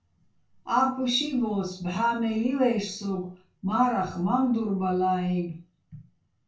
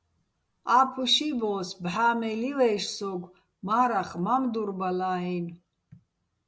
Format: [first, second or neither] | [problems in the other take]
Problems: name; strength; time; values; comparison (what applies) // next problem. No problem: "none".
second | room echo; dies away in 0.2 s